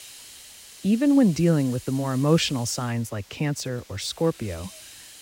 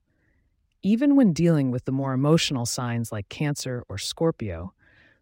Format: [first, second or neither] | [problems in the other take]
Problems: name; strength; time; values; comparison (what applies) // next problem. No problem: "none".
second | hiss; noticeable; throughout; 20 dB below the speech